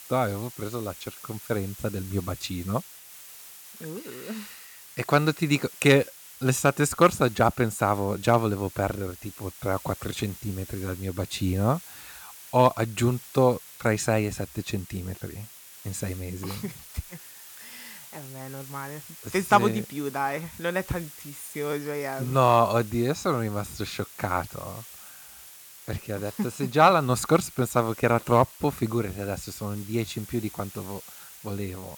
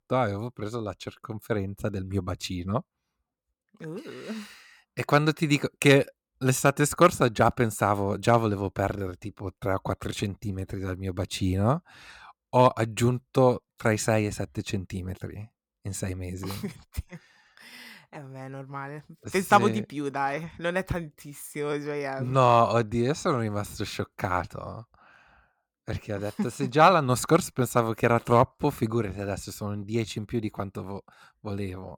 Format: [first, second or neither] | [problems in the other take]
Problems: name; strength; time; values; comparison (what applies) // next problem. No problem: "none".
second | hiss; noticeable; throughout; 15 dB below the speech